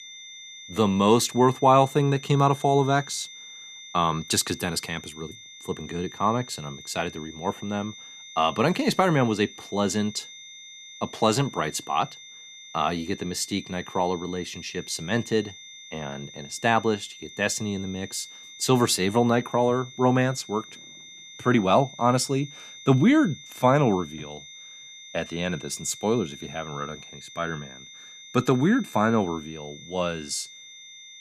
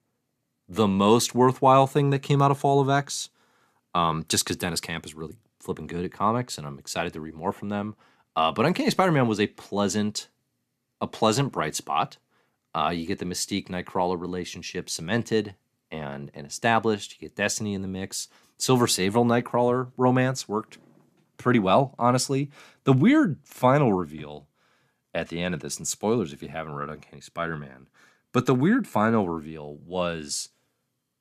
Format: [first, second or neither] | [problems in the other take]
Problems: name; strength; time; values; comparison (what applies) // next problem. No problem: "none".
second | high-pitched whine; noticeable; throughout; 3.5 kHz, 15 dB below the speech